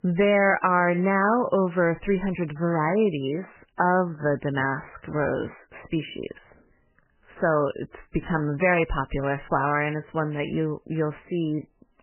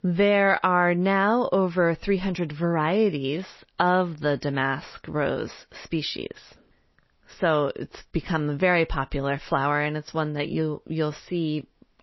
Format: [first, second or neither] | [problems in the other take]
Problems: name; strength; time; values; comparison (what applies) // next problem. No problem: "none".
second | garbled, watery; badly; nothing above 3 kHz; slightly in the second